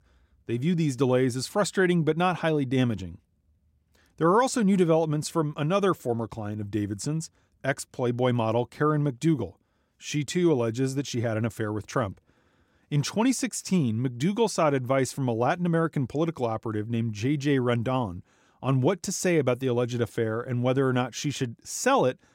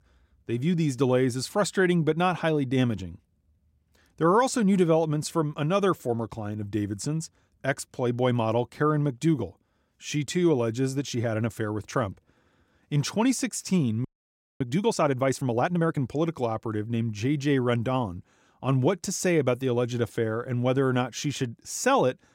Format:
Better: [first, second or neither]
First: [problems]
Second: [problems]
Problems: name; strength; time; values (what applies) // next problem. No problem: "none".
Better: first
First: none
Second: audio freezing; at 14 s for 0.5 s